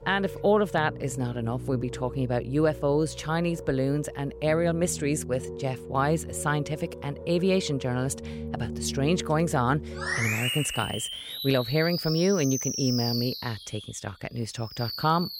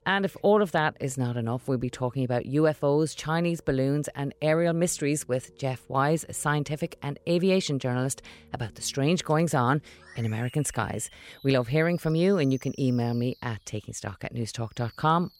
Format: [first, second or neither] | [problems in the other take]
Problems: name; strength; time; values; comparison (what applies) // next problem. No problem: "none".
second | background music; loud; throughout; 7 dB below the speech; faint in the second